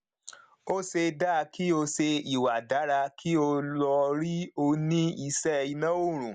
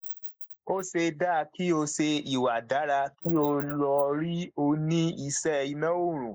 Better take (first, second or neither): first